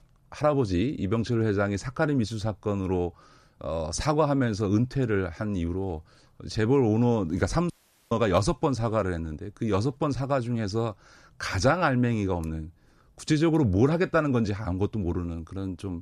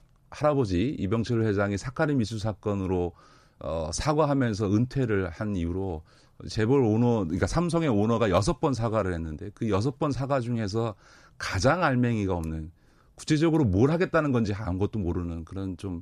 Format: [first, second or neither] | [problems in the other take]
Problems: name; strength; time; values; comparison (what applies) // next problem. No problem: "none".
second | audio cutting out; at 7.5 s